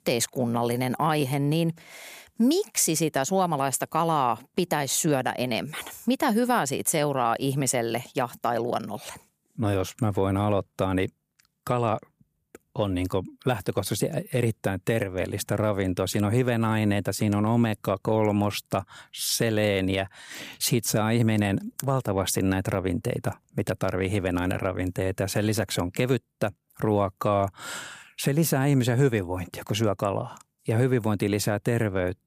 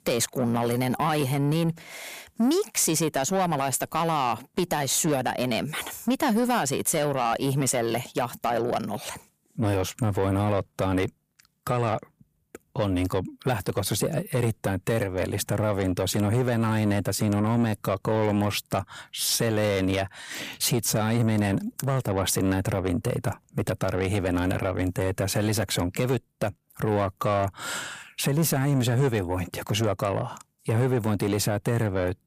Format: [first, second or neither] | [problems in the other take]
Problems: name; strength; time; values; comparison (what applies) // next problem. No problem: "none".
first | distortion; slight; 10 dB below the speech